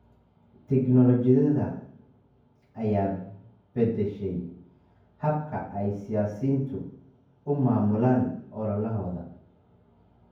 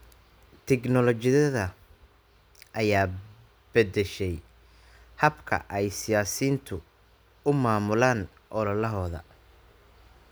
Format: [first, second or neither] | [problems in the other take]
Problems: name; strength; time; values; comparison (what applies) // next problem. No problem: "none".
second | room echo; dies away in 0.9 s